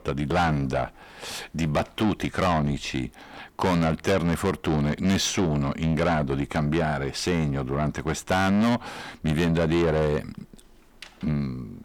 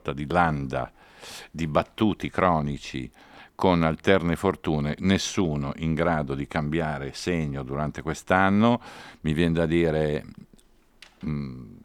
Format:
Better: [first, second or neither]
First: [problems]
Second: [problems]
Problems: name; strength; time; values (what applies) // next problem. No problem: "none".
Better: second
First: distortion; heavy; 6 dB below the speech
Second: none